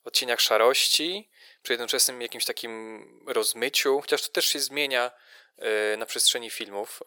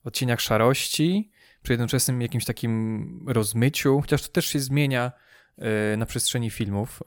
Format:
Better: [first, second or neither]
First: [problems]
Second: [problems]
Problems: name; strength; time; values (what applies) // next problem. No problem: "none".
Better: second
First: thin; very; fading below 450 Hz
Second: none